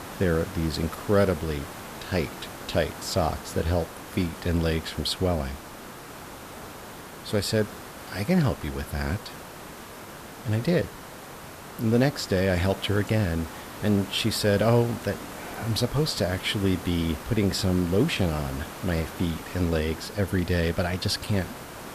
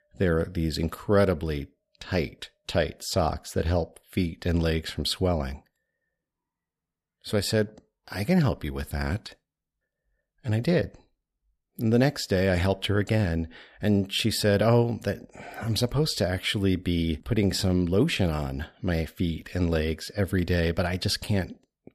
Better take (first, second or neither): second